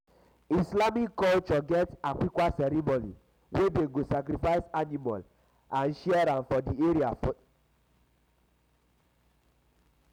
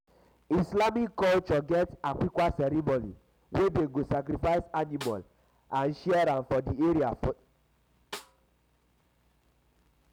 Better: first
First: none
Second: background sound (Snare drum); 19 dB below the speech

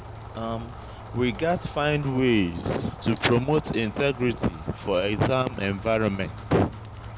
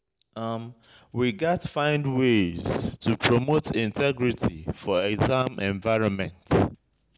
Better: second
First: background sound (Rain); 14 dB below the speech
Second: none

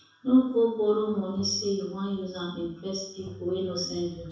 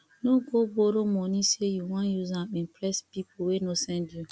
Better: second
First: background sound (Tap); 20 dB below the speech // room echo; dies away in 0.7 s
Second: none

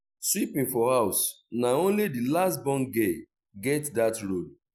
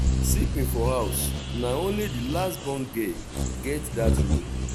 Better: first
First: none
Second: background sound (Bird vocalization, bird call, bird song); 3 dB above the speech

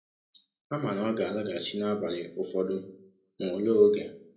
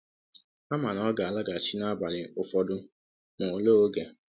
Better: second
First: room echo; dies away in 0.4 s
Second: none

